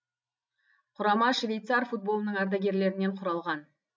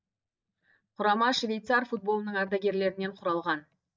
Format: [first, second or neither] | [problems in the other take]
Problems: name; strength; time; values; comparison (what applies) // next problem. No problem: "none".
first | noise reduction (neural mask model DeepFilterNet 3)